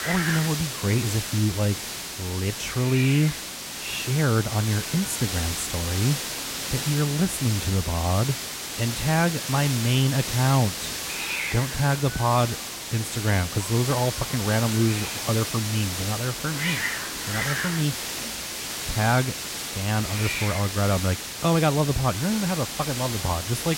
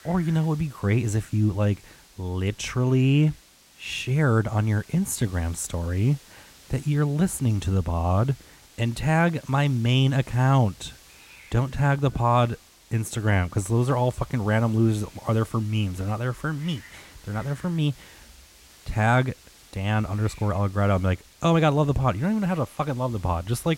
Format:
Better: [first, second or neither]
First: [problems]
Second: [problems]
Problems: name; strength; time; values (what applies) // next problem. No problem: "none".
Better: second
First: hiss; loud; throughout; 4 dB below the speech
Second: hiss; faint; throughout; 25 dB below the speech